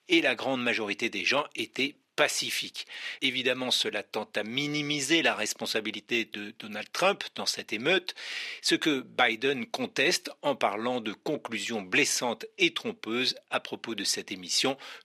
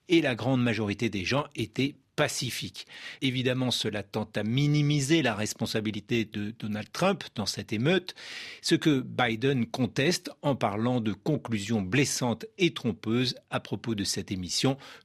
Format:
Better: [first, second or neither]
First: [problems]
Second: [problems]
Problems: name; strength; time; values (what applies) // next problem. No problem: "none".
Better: second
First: thin; somewhat; fading below 400 Hz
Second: none